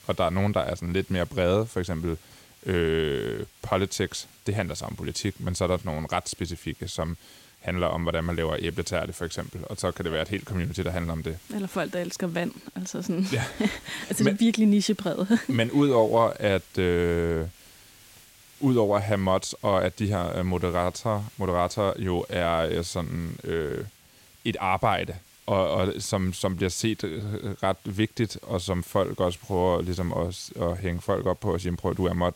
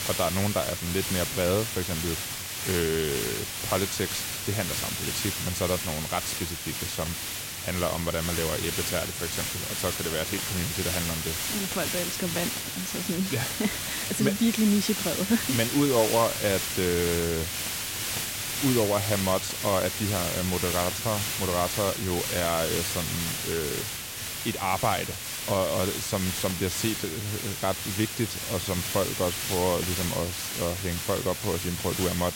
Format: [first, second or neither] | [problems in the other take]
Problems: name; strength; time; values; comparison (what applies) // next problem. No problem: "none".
first | hiss; loud; throughout; 1 dB below the speech; faint in the first